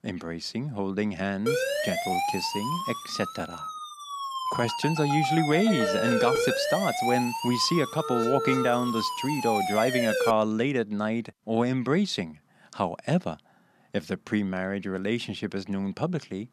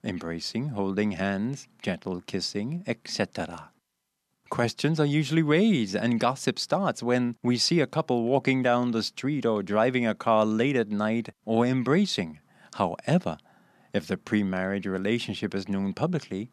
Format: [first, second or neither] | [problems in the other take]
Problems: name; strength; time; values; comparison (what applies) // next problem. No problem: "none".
second | siren; loud; from 1.5 to 10 s; peak 3 dB above the speech